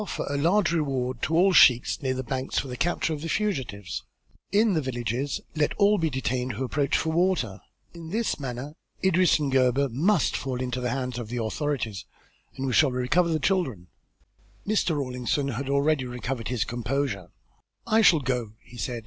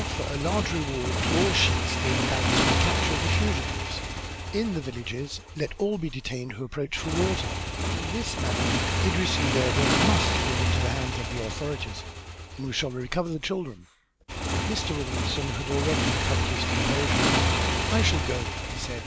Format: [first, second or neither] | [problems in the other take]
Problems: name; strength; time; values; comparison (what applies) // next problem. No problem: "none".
first | background sound (Motorcycle / Engine); 4 dB above the speech